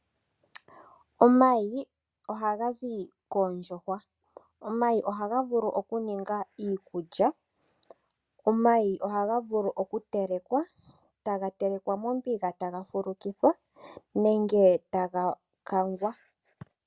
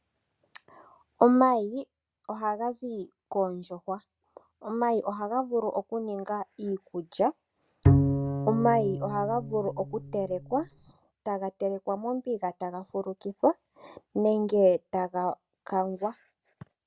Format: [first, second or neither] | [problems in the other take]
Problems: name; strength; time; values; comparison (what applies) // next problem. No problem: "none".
first | background sound (Bowed string instrument); 1 dB above the speech